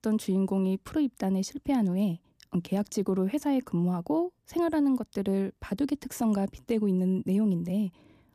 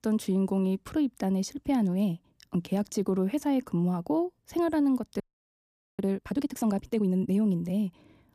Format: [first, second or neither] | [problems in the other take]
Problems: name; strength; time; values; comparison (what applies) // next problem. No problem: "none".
first | audio freezing; at 5 s for 1 s